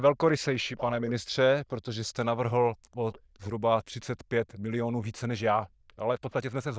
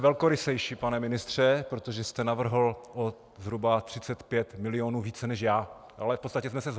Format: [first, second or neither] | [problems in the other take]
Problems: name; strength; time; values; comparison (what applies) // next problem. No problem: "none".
second | noise reduction (neural diffusion model UNIVERSE++)